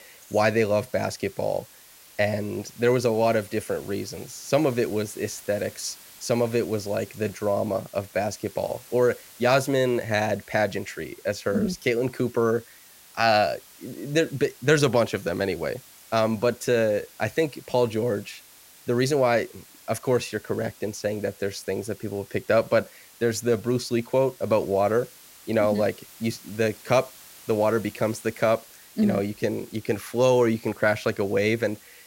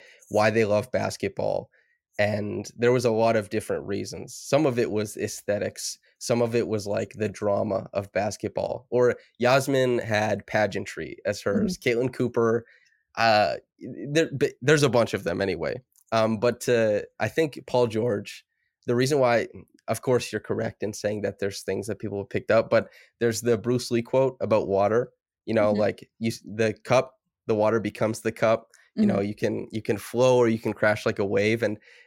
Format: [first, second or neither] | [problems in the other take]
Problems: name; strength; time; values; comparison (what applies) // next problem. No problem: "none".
second | hiss; faint; throughout; 20 dB below the speech